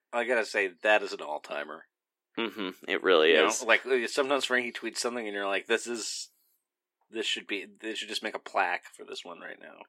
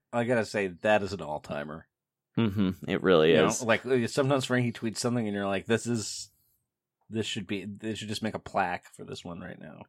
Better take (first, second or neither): second